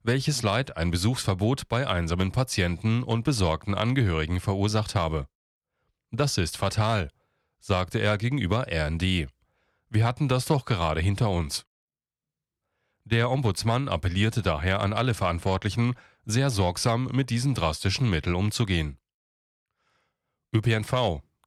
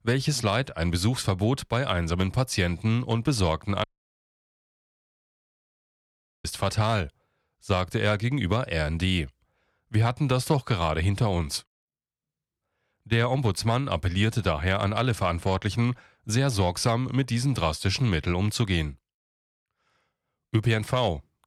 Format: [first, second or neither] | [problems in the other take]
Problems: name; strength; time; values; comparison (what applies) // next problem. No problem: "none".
first | audio cutting out; at 4 s for 2.5 s